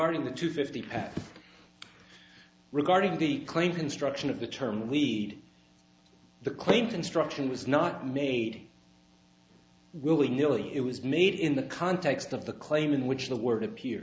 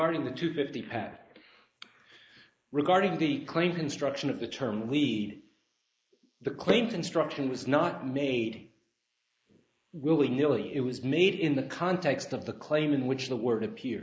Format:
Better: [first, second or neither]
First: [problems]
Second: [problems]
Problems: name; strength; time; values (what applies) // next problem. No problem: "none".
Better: first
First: none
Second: noise reduction (neural mask model Resemble Enhance denoiser)